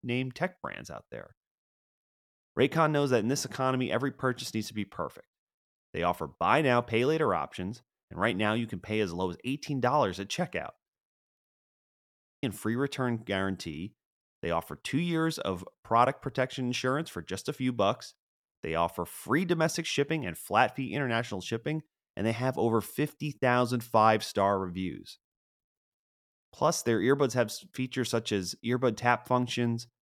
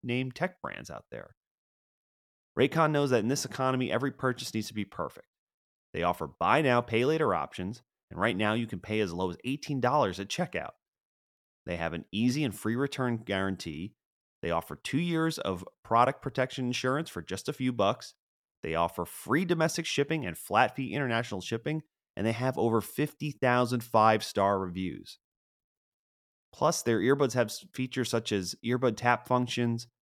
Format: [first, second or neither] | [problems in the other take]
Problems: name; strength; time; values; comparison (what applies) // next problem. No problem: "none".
second | audio cutting out; at 12 s for 1 s